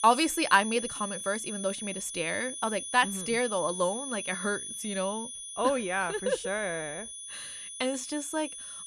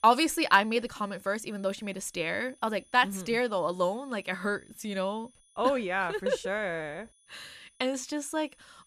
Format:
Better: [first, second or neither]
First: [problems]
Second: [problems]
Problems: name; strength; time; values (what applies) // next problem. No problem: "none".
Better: second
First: high-pitched whine; loud; throughout; 9.5 kHz, 7 dB below the speech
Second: high-pitched whine; faint; throughout; 9.5 kHz, 30 dB below the speech